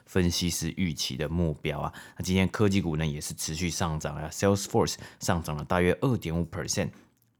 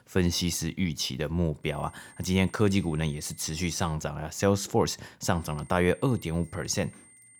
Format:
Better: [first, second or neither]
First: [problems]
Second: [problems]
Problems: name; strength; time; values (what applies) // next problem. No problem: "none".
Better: first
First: none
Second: high-pitched whine; faint; from 1.5 to 4 s and from 5.5 s on; 8.5 kHz, 25 dB below the speech